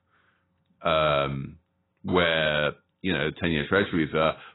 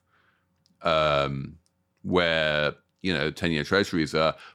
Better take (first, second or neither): second